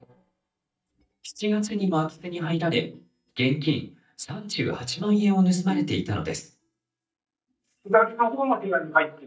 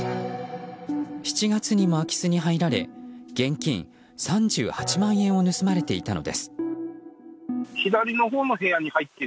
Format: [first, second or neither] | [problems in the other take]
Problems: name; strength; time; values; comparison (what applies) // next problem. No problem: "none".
second | noise reduction (neural mask model DeepFilterNet 3)